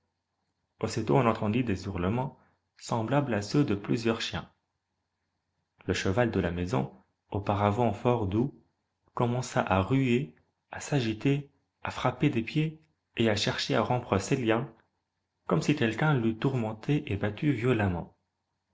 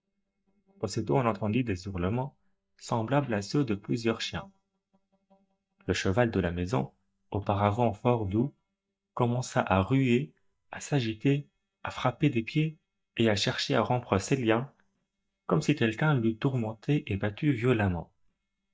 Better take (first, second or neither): first